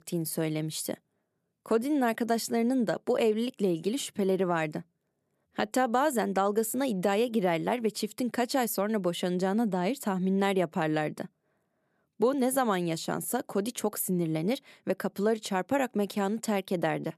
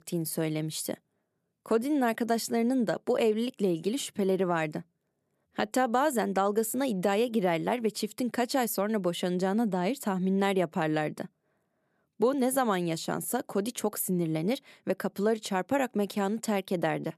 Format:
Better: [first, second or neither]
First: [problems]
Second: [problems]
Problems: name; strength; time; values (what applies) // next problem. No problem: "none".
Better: neither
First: none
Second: none